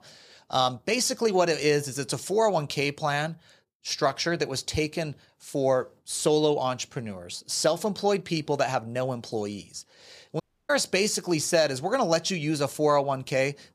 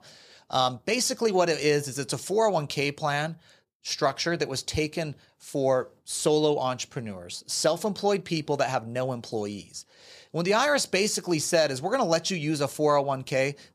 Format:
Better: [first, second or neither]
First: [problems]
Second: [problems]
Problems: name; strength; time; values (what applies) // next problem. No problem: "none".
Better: second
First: audio cutting out; at 10 s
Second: none